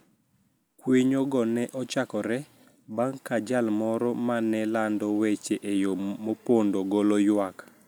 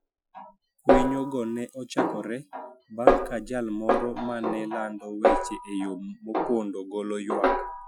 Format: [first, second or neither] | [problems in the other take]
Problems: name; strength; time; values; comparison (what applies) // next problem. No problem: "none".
first | noise reduction (classical method Wiener filter)